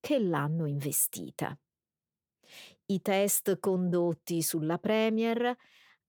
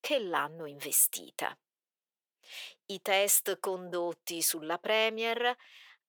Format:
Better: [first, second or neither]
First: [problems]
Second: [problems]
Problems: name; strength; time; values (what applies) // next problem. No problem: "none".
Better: first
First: none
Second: thin; very; fading below 600 Hz